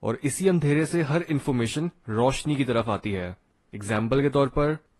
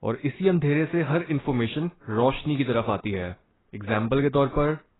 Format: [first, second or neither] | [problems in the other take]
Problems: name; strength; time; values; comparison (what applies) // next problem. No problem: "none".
first | garbled, watery; badly; nothing above 4 kHz; slightly in the first